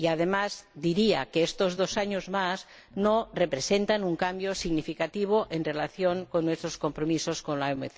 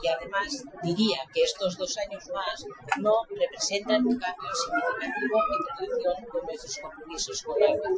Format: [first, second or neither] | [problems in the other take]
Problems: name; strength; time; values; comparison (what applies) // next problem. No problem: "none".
first | noise reduction (classical method Wiener filter)